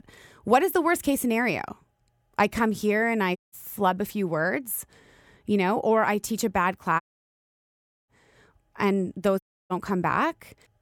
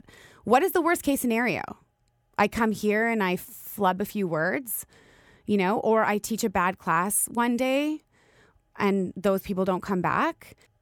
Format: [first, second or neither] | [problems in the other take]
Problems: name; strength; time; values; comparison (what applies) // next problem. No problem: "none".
second | audio cutting out; at 3.5 s, at 7 s for 1 s and at 9.5 s